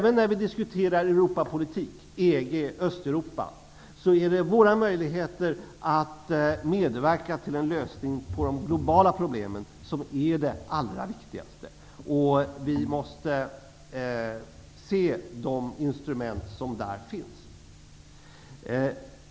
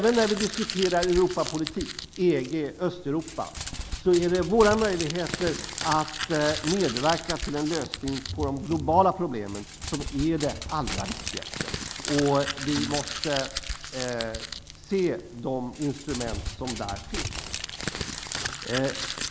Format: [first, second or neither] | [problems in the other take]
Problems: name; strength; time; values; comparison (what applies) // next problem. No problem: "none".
first | background sound (Crumpling, crinkling); 7 dB below the speech